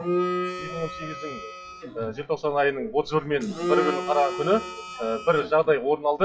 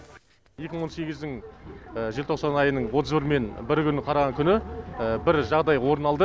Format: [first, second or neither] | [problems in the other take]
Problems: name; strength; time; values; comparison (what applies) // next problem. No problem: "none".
second | noise reduction (classical method WPE with log-MMSE)